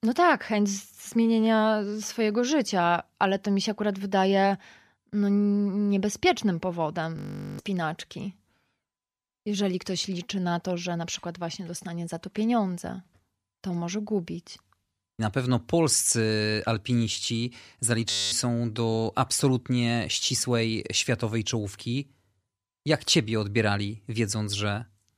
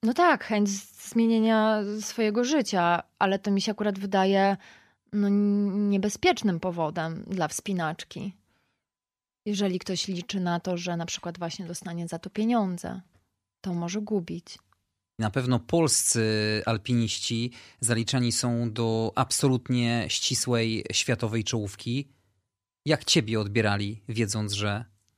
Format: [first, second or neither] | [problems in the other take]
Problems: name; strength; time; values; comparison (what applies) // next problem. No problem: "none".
second | audio freezing; at 7 s and at 18 s